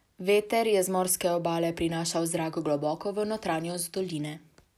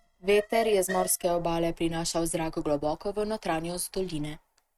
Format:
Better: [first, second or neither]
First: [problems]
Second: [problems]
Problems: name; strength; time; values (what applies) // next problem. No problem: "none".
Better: first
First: none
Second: noise reduction (neural mask model RNNoise)